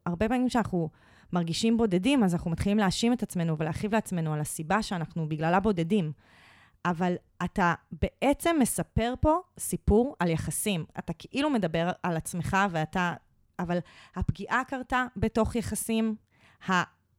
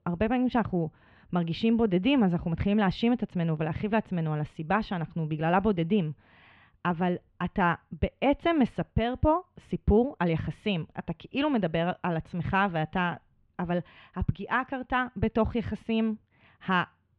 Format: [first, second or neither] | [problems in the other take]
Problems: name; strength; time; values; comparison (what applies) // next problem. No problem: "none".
first | muffled; slightly; fading above 3 kHz